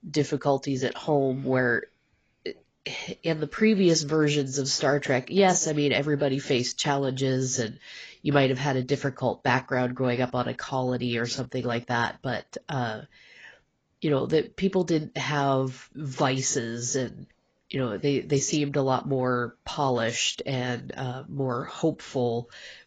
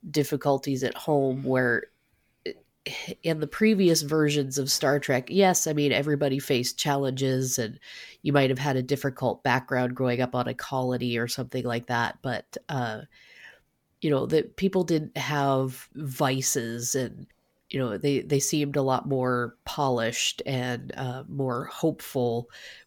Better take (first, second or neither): second